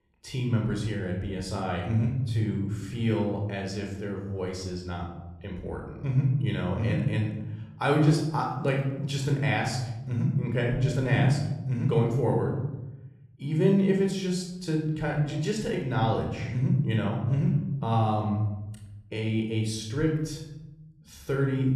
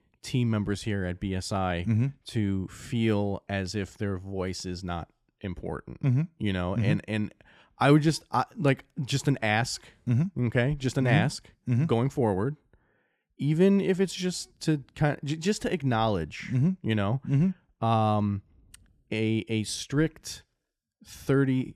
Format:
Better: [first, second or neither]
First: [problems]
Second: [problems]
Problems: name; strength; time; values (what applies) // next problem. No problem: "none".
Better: second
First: off-mic speech; somewhat distant // room echo; noticeable; dies away in 1 s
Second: none